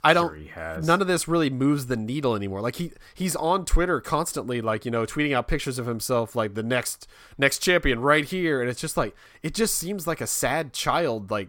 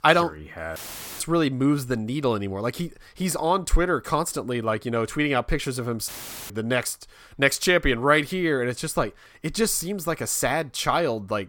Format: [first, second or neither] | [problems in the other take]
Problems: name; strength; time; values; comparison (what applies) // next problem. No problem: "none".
first | audio cutting out; filled with static; at 1 s and at 6 s